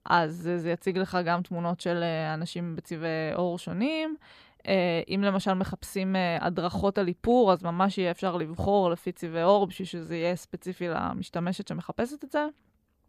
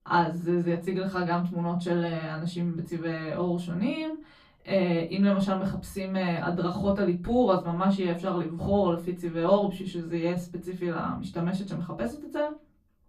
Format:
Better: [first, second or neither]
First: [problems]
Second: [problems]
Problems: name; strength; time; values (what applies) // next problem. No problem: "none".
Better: first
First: none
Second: off-mic speech; far // room echo; very slight; dies away in 0.3 s